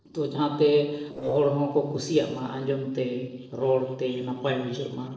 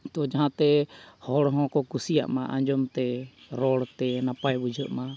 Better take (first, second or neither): second